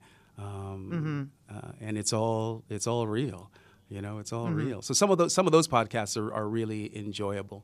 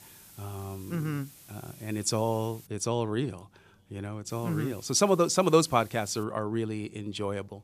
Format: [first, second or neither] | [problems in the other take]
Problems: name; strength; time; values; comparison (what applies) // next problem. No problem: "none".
first | hiss; faint; until 2.5 s and from 4.5 to 6 s; 20 dB below the speech